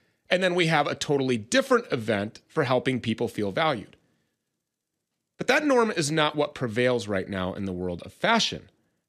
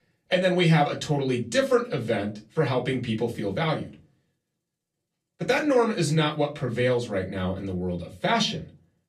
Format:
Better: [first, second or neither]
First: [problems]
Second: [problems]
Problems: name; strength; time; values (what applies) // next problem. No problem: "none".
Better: first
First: none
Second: off-mic speech; far // room echo; very slight; dies away in 0.3 s